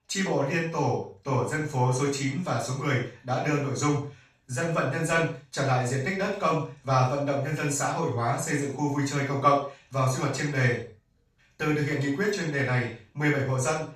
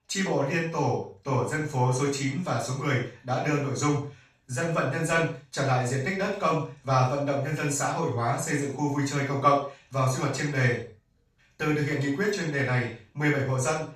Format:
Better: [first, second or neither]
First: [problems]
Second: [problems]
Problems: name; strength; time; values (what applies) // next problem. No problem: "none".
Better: neither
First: room echo; noticeable; dies away in 0.4 s // off-mic speech; far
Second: room echo; noticeable; dies away in 0.4 s // off-mic speech; far